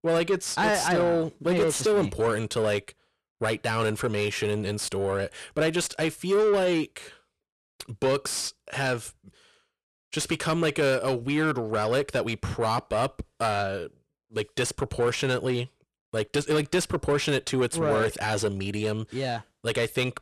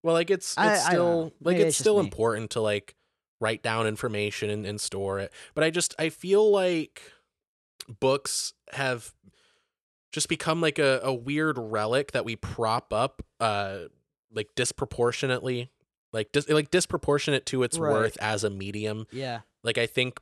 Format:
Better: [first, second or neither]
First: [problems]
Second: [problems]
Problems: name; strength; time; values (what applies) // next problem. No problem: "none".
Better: second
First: distortion; slight; 10 dB below the speech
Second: none